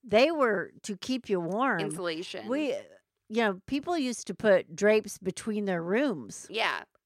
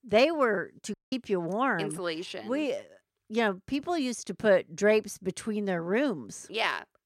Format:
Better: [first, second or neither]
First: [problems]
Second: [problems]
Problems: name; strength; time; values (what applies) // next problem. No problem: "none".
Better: first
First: none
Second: audio cutting out; at 1 s